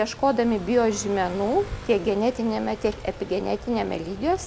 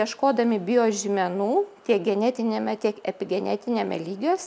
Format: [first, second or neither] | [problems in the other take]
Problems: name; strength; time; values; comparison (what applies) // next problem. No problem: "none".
second | background sound (Motorcycle / Accelerating, revving, vroom); 14 dB below the speech